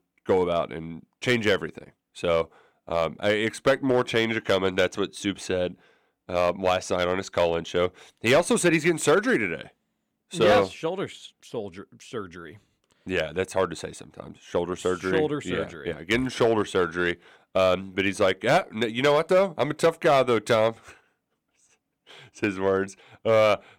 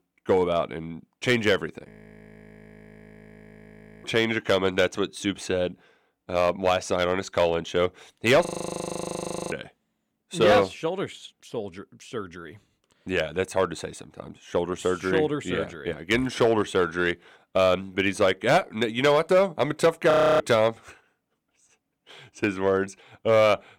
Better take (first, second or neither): first